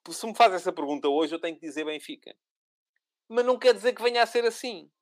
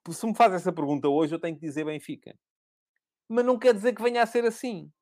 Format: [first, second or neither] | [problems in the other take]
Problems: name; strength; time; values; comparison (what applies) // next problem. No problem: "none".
second | thin; very slightly; fading below 300 Hz